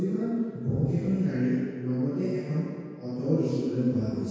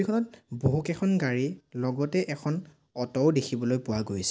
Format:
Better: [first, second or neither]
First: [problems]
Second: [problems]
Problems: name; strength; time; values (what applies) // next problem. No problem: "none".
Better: second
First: room echo; dies away in 2 s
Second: none